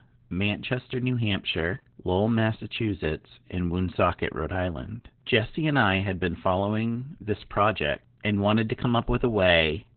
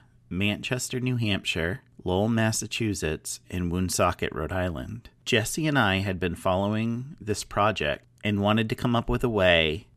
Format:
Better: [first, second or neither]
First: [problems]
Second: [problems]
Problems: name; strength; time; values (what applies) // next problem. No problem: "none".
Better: second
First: garbled, watery; badly; nothing above 3.5 kHz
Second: none